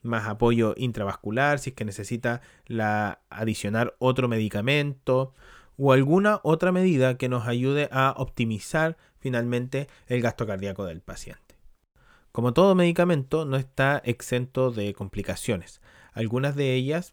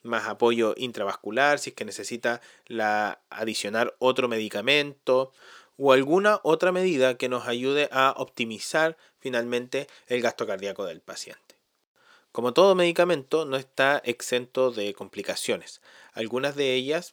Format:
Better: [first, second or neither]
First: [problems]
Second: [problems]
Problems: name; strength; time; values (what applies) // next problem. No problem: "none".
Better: first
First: none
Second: thin; somewhat; fading below 400 Hz